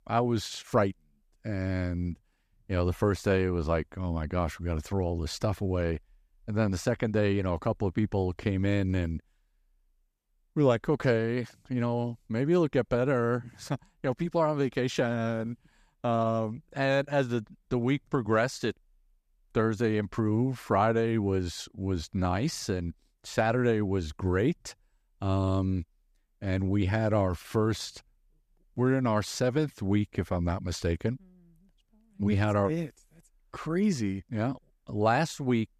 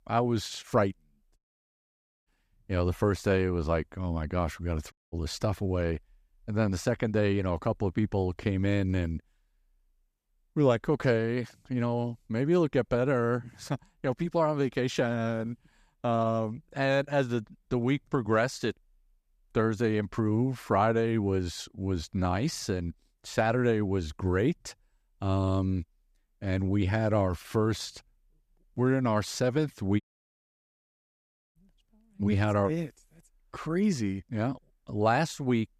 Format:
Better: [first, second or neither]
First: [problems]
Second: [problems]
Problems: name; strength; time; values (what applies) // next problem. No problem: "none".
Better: first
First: none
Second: audio cutting out; at 1.5 s for 1 s, at 5 s and at 30 s for 1.5 s